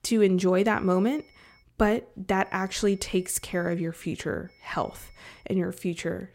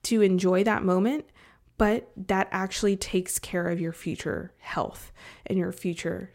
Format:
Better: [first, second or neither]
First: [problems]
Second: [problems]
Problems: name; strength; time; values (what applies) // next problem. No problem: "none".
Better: second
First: high-pitched whine; faint; at 0.5 s, from 2.5 to 3.5 s and at 4.5 s; 2 kHz, 30 dB below the speech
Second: none